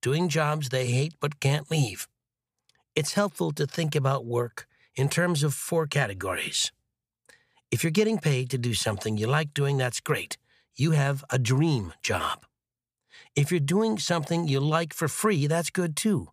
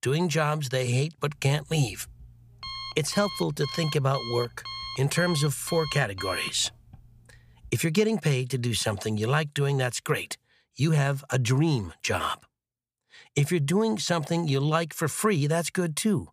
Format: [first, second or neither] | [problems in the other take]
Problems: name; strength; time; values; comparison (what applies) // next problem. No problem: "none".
first | alarm; noticeable; from 1 to 7.5 s; peak 8 dB below the speech